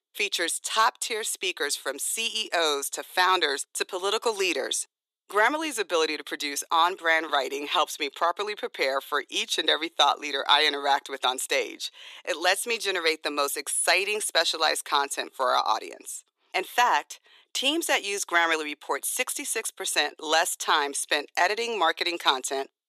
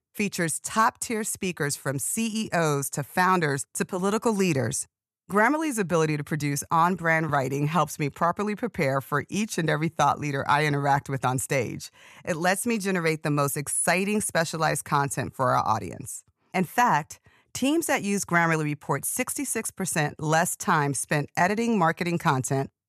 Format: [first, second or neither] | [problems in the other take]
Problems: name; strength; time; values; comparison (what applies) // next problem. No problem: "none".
second | thin; very; fading below 350 Hz